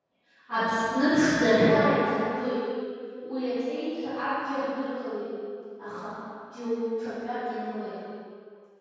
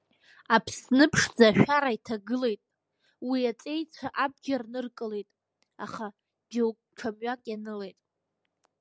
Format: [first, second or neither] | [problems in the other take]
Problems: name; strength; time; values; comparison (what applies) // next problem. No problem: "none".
second | room echo; dies away in 2.2 s